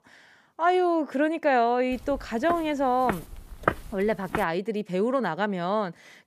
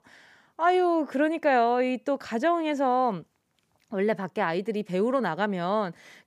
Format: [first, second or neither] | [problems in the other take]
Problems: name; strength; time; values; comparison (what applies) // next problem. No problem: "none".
second | footsteps; noticeable; from 2 to 4.5 s; peak 3 dB below the speech